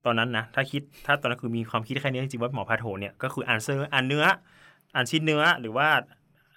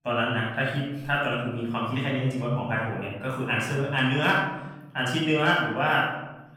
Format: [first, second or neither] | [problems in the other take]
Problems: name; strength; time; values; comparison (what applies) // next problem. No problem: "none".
first | off-mic speech; far // room echo; noticeable; dies away in 1 s